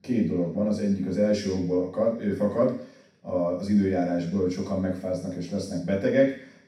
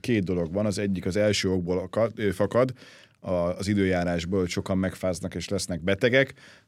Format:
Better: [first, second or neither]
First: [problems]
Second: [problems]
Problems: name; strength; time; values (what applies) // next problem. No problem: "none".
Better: second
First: room echo; noticeable; dies away in 0.6 s // off-mic speech; far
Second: none